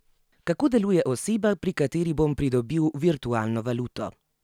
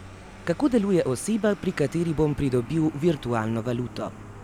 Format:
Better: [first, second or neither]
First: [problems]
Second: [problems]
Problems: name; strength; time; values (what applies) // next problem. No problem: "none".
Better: first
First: none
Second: background sound (Vehicle); 17 dB below the speech